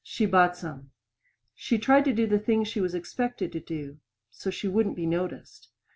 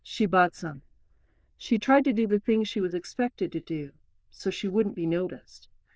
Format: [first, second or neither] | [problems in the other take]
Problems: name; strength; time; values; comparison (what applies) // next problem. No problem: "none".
first | noise reduction (neural diffusion model UNIVERSE++)